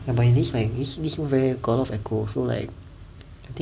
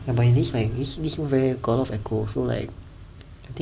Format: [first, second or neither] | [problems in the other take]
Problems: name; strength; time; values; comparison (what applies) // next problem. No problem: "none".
first | background sound (Telephone); 20 dB below the speech